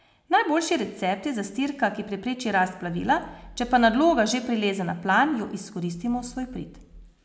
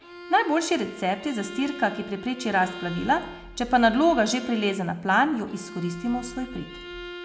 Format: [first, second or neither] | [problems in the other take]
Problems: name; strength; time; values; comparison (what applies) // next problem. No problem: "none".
first | background sound (Bowed string instrument); 15 dB below the speech